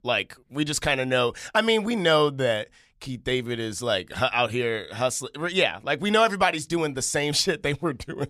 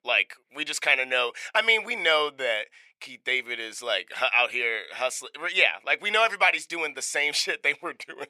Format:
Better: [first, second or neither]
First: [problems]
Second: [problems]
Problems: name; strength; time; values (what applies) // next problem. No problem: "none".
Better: first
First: none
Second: thin; very; fading below 600 Hz